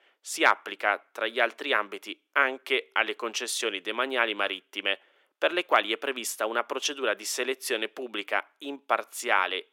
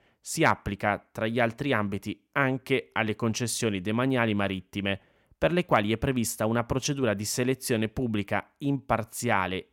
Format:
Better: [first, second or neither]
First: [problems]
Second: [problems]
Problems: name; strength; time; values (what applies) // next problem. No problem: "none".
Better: second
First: thin; very; fading below 350 Hz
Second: none